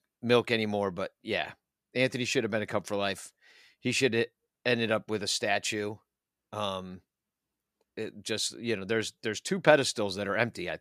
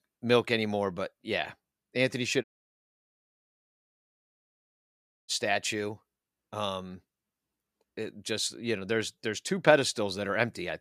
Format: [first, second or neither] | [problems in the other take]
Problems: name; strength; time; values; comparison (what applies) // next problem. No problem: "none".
first | audio cutting out; at 2.5 s for 3 s